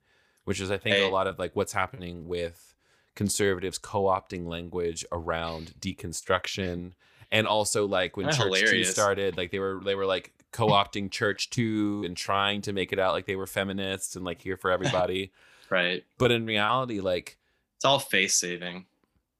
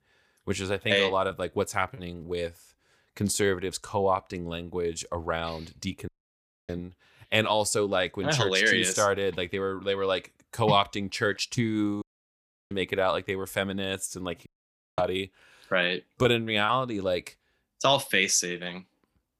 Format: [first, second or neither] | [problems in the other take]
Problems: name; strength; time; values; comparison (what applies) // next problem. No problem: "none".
first | audio cutting out; at 6 s for 0.5 s, at 12 s for 0.5 s and at 14 s for 0.5 s